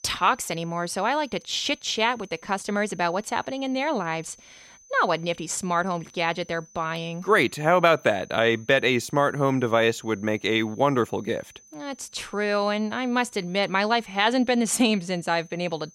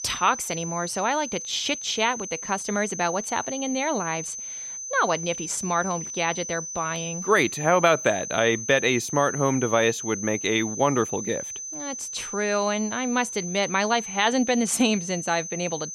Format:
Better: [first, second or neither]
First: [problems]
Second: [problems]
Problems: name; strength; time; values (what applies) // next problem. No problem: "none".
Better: first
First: high-pitched whine; faint; throughout; 6 kHz, 25 dB below the speech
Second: high-pitched whine; loud; throughout; 6 kHz, 7 dB below the speech